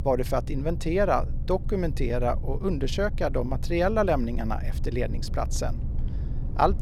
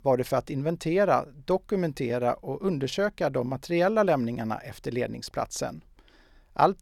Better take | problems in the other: second | low rumble; noticeable; throughout; 20 dB below the speech

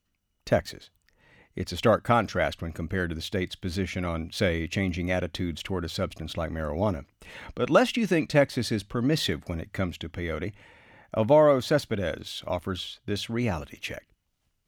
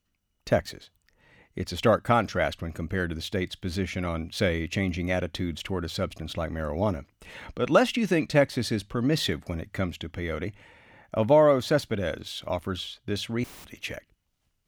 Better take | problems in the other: first | audio cutting out; filled with static; at 13 s

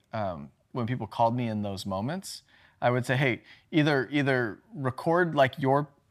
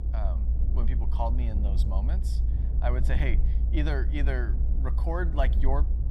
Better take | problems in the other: first | low rumble; loud; throughout; 10 dB below the speech

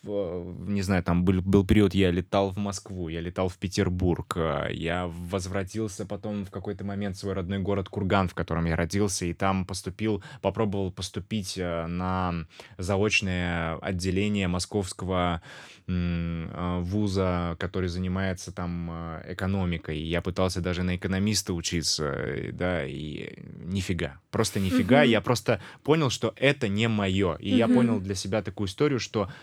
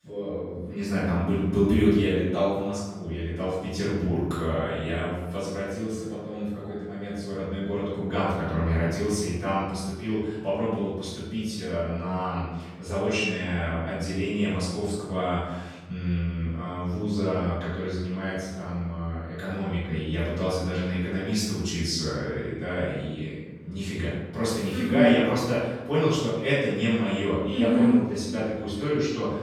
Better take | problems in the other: first | off-mic speech; far // room echo; strong; dies away in 0.9 s

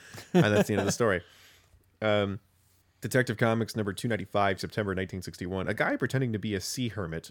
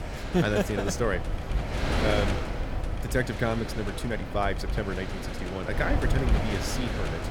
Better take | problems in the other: first | wind noise on the microphone; heavy; 4 dB below the speech

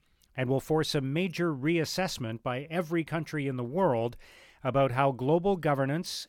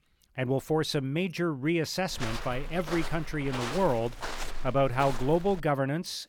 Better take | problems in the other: first | footsteps; noticeable; from 2 to 5.5 s; peak 6 dB below the speech

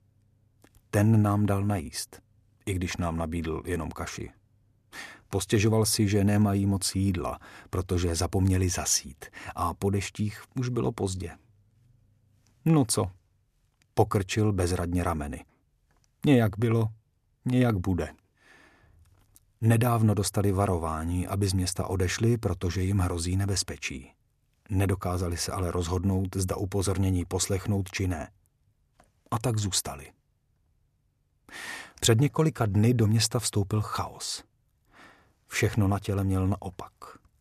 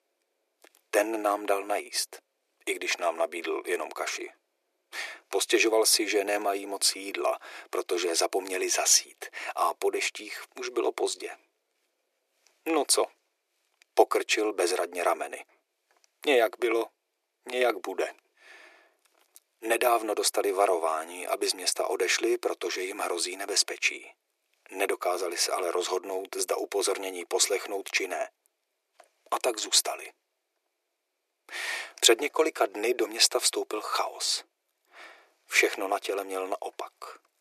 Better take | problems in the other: first | thin; very; fading below 350 Hz

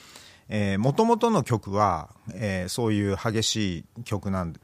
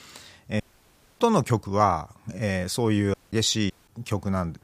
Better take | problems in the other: first | audio cutting out; at 0.5 s for 0.5 s, at 3 s and at 3.5 s

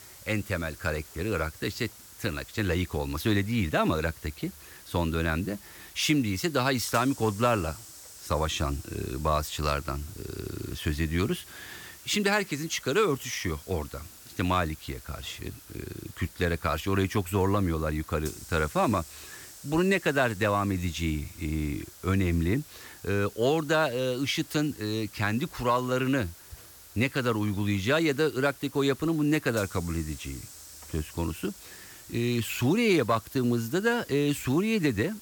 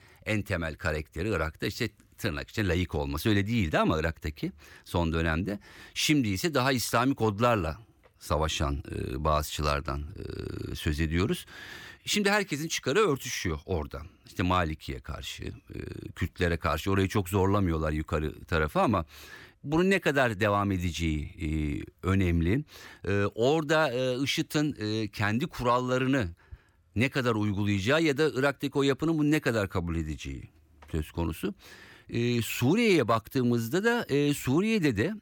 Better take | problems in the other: second | hiss; noticeable; throughout; 20 dB below the speech

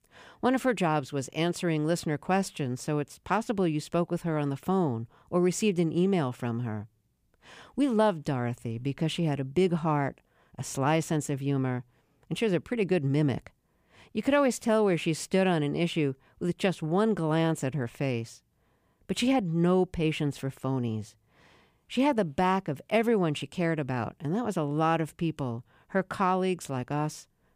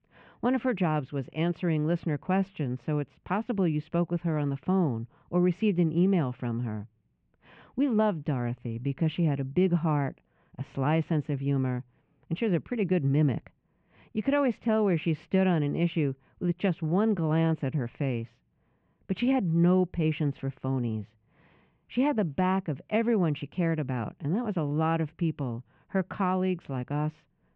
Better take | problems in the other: first | muffled; very; fading above 2.5 kHz

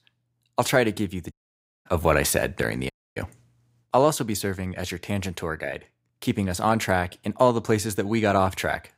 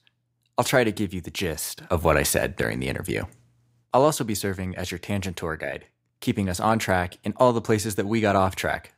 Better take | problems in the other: second | audio cutting out; at 1.5 s for 0.5 s and at 3 s

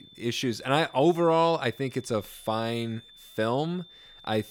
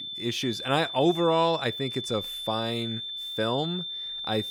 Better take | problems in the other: first | high-pitched whine; loud; throughout; 3.5 kHz, 5 dB below the speech; faint in the first

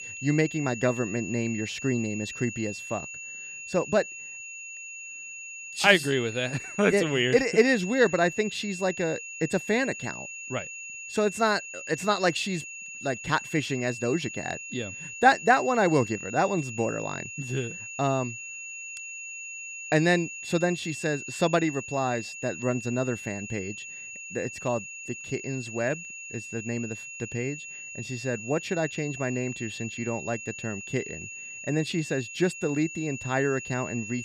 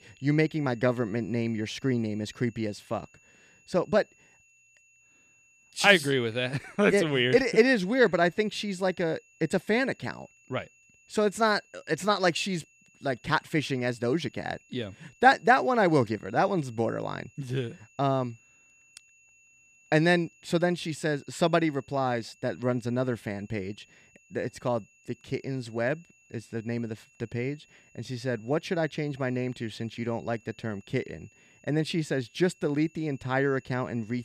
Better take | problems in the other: second | high-pitched whine; loud; throughout; 2.5 kHz, 9 dB below the speech; faint in the second

